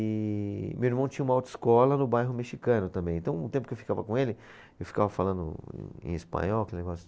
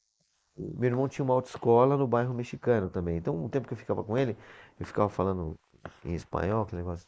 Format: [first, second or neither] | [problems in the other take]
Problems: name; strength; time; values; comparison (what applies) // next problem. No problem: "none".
first | noise reduction (neural mask model Resemble Enhance denoiser)